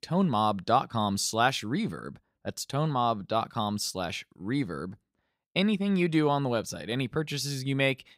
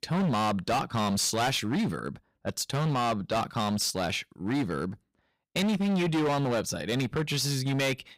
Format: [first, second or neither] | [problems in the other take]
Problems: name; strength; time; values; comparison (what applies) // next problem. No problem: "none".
first | distortion; heavy; 20% of the sound clipped